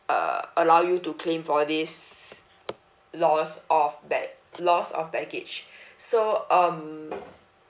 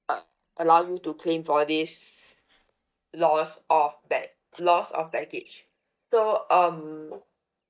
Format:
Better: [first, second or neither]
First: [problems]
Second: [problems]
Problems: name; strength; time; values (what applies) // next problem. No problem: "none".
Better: first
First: none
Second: noise reduction (neural mask model DeepFilterNet 3)